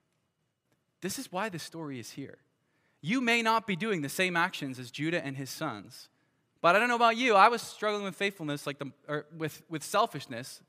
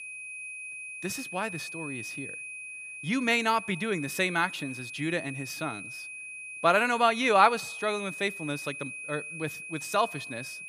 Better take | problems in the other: first | high-pitched whine; loud; throughout; 2.5 kHz, 10 dB below the speech

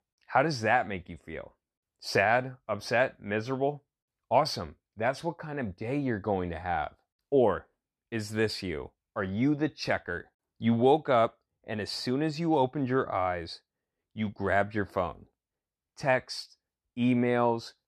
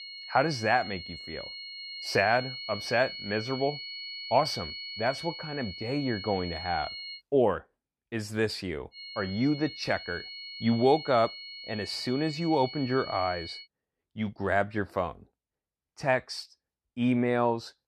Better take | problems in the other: first | high-pitched whine; loud; until 7 s and from 9 to 14 s; 4.5 kHz, 9 dB below the speech

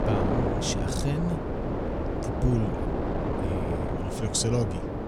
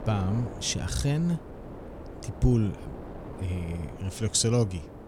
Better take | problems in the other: second | wind noise on the microphone; heavy; 2 dB above the speech; occasional gusts in the second

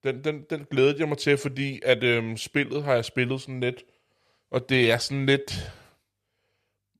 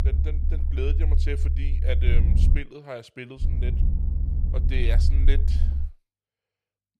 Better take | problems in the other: first | low rumble; loud; until 2.5 s and from 3.5 to 6 s; 6 dB below the speech

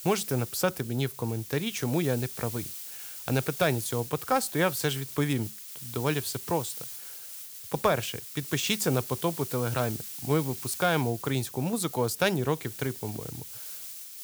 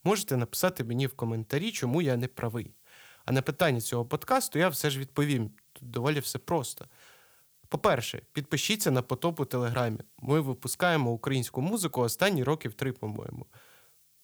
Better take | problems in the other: second | hiss; loud; throughout; 9 dB below the speech; faint in the second

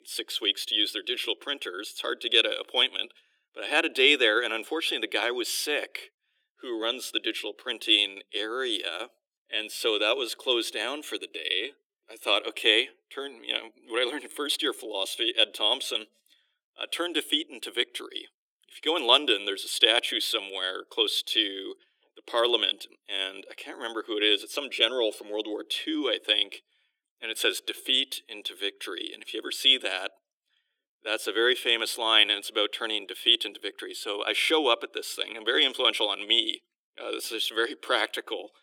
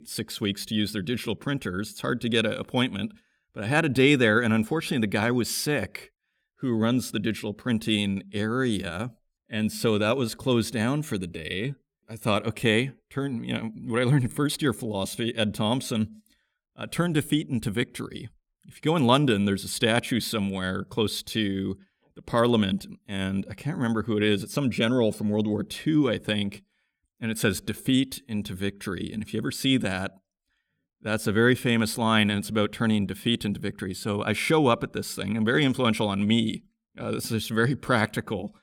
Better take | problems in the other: second | thin; very; fading below 350 Hz

